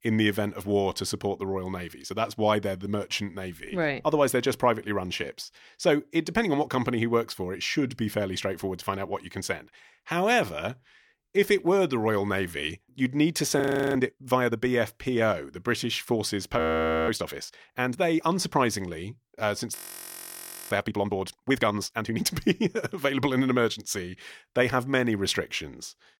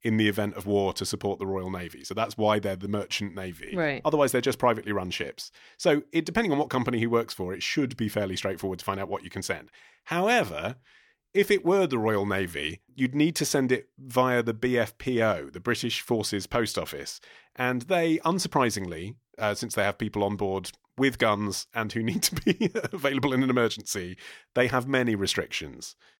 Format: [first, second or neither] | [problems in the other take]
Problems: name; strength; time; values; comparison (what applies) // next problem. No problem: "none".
second | audio freezing; at 14 s, at 17 s and at 20 s for 1 s